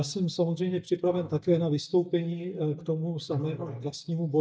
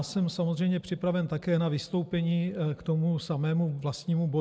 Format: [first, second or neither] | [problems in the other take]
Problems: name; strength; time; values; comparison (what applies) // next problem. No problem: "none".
second | noise reduction (neural mask model DeepFilterNet 3)